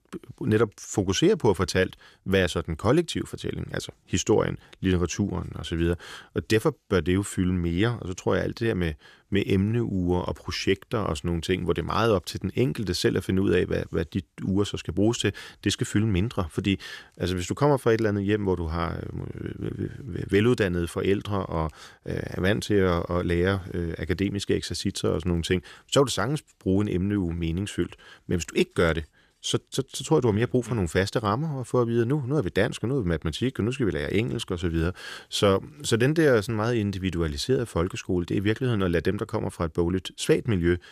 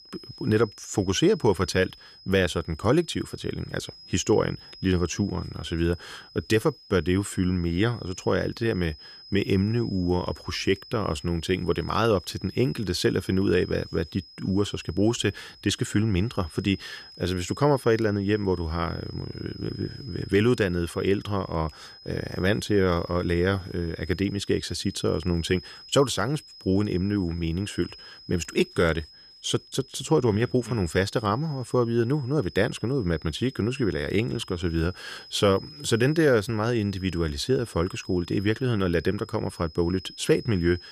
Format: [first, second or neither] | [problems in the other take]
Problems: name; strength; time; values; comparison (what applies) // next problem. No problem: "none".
first | high-pitched whine; noticeable; throughout; 5 kHz, 20 dB below the speech